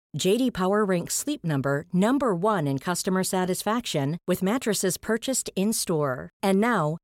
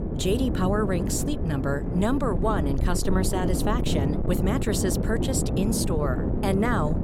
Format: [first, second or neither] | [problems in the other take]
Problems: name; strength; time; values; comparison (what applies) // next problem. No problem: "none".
first | wind noise on the microphone; heavy; 5 dB below the speech